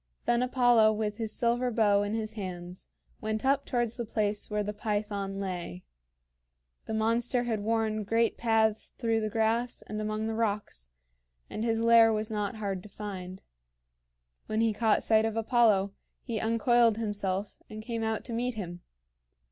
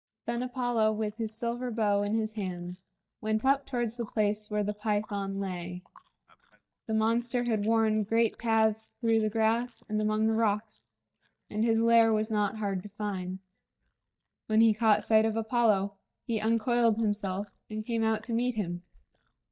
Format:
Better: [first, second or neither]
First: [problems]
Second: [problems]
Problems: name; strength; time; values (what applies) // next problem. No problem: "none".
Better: first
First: none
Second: noise reduction (neural mask model DeepFilterNet 3)